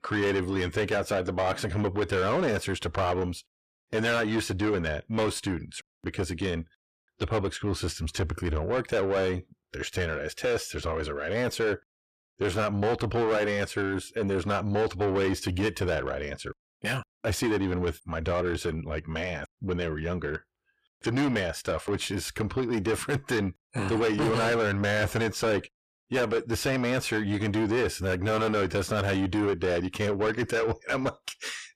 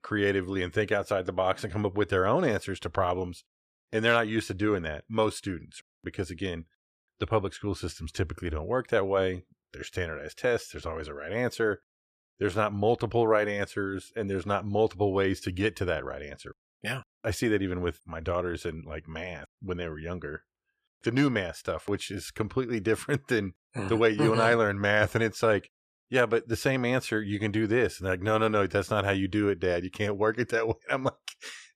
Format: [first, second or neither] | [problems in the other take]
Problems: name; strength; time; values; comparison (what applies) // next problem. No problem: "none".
second | distortion; heavy; 6 dB below the speech